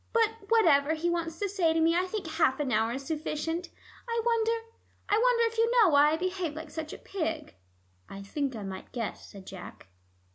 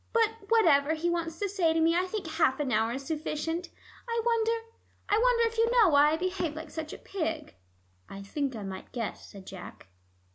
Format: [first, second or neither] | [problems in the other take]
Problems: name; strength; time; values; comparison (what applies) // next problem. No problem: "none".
first | background sound (Fireworks); 18 dB below the speech